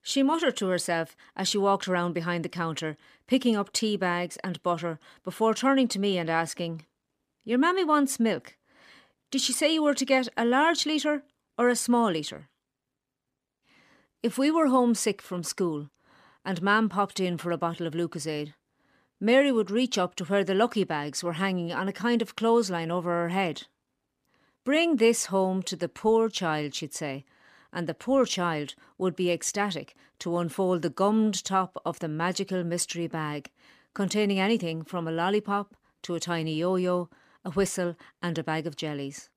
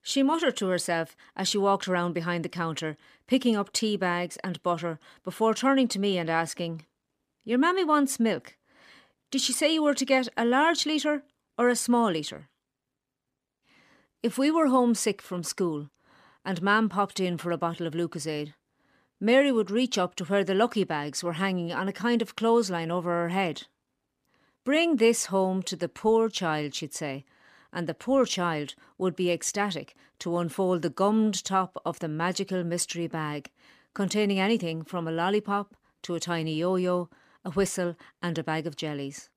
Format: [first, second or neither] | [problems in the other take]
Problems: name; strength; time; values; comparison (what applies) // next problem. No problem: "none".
neither | none